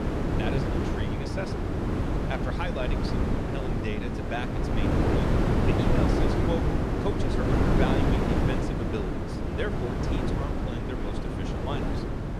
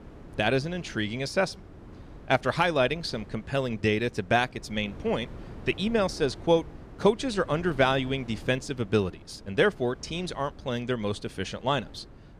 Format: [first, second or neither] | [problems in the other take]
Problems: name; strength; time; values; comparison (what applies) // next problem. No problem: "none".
second | wind noise on the microphone; heavy; 5 dB above the speech; occasional gusts in the second